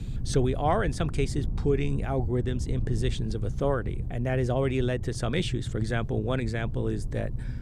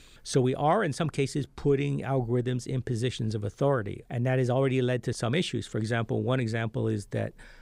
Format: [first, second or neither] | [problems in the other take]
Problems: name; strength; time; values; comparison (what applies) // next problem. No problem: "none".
second | low rumble; noticeable; throughout; 15 dB below the speech